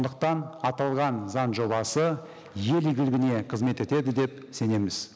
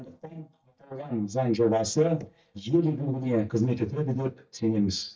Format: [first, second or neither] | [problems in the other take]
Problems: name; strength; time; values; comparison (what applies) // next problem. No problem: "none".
first | noise reduction (neural mask model DeepFilterNet 3)